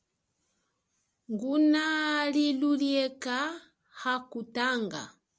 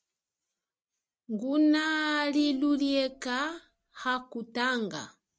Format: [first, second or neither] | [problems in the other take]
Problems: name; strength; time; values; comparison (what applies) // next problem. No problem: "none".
first | noise reduction (neural mask model RNNoise)